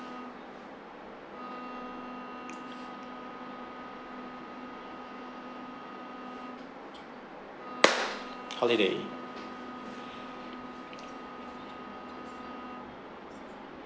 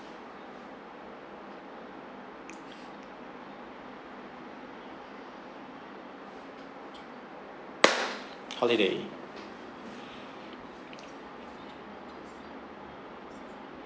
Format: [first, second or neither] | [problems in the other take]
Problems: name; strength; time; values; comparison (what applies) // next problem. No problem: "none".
second | background sound (Bowed string instrument); 9 dB below the speech